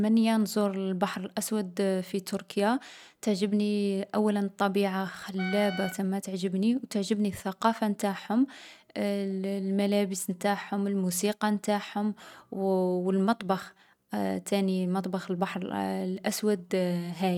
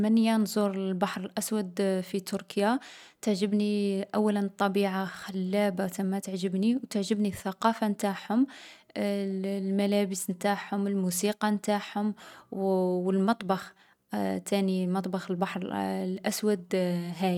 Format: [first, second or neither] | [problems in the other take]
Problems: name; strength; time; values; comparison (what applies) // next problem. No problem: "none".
second | background sound (Wind instrument, woodwind instrument); 13 dB below the speech